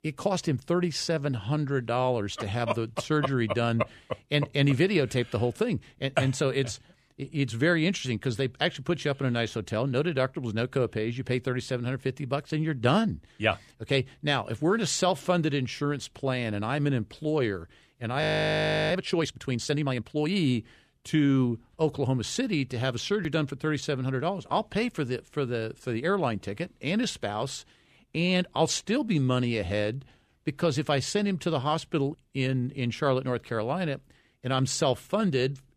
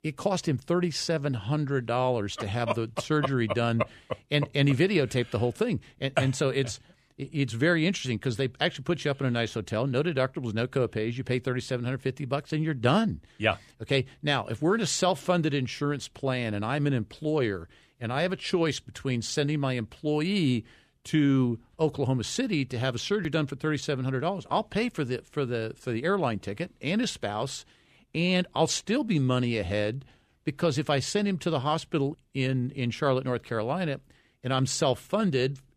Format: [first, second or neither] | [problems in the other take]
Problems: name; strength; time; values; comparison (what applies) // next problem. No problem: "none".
second | audio freezing; at 18 s for 0.5 s